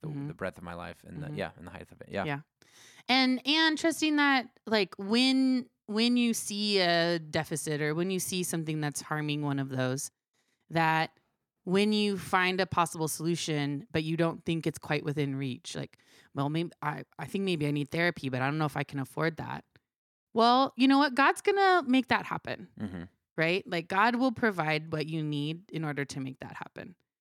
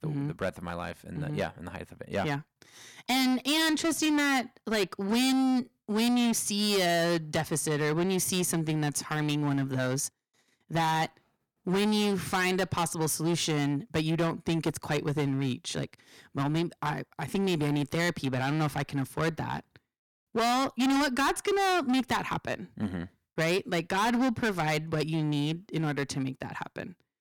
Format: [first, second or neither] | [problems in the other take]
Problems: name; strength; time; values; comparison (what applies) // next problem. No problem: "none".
first | distortion; heavy; 15% of the sound clipped